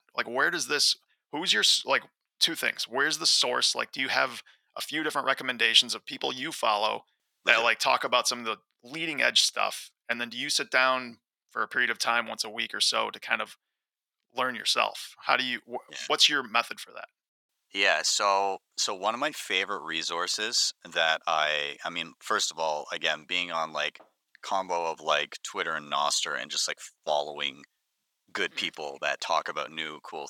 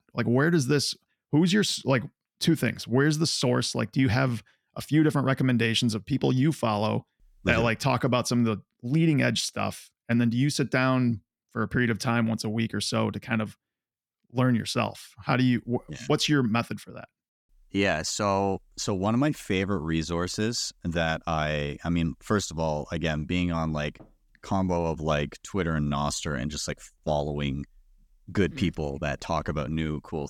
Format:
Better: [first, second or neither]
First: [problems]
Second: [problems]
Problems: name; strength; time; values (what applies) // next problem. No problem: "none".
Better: second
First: thin; very; fading below 850 Hz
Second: none